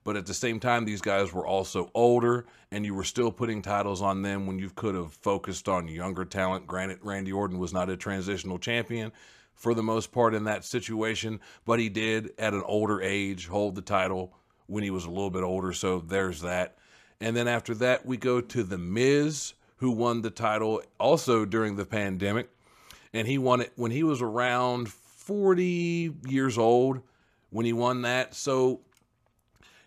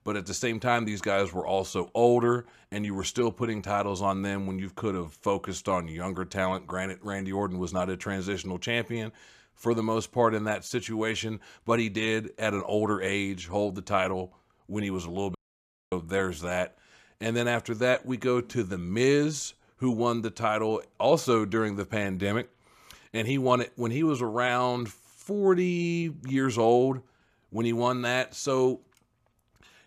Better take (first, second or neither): first